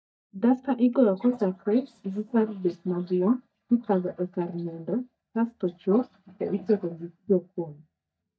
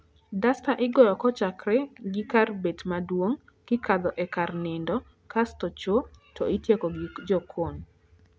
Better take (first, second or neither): second